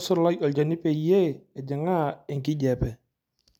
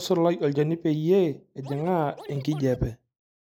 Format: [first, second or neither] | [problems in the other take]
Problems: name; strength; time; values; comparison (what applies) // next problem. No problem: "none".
first | noise reduction (neural mask model Resemble Enhance denoiser)